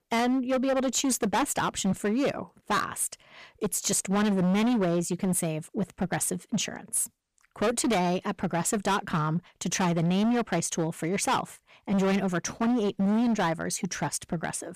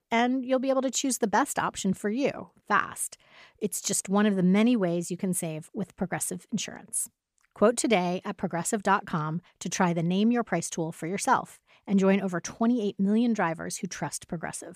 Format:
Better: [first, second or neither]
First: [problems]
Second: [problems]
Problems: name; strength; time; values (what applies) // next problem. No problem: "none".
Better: second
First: distortion; heavy; 17% of the sound clipped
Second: none